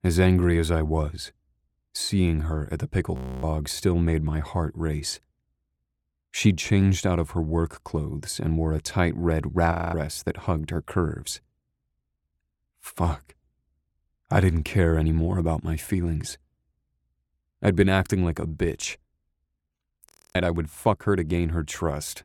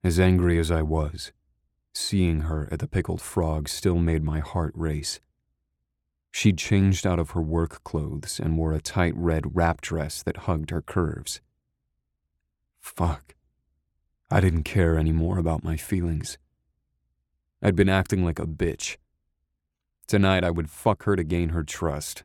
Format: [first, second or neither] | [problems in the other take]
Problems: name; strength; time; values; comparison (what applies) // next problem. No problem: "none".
second | audio freezing; at 3 s, at 9.5 s and at 20 s